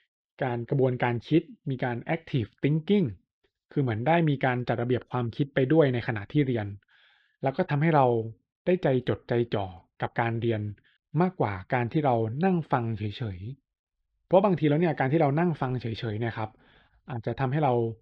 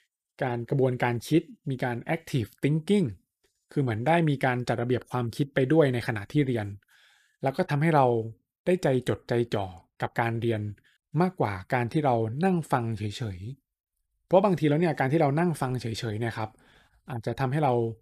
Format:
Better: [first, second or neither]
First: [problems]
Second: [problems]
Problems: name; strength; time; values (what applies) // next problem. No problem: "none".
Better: second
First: muffled; slightly; fading above 3.5 kHz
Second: none